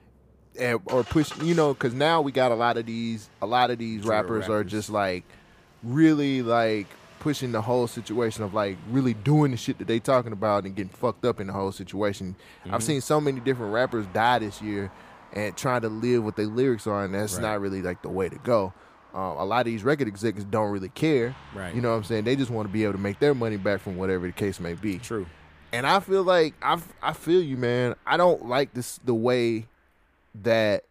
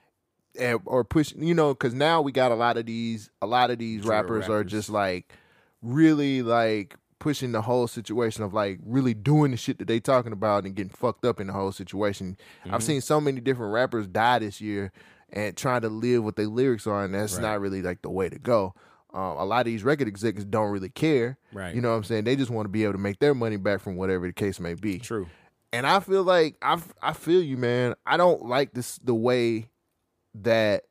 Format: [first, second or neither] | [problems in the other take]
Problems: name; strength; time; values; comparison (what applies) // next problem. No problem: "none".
second | traffic noise; faint; throughout; 25 dB below the speech